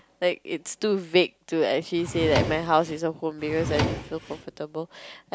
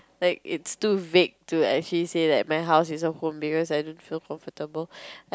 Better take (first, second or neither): second